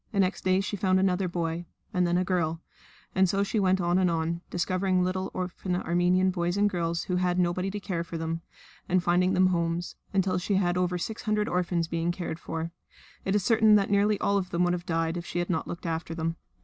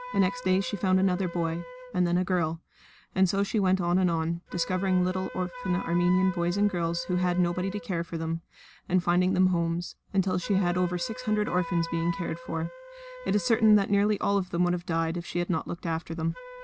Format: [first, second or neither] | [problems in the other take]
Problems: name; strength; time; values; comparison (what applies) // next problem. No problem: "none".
first | background sound (Wind instrument, woodwind instrument); 17 dB below the speech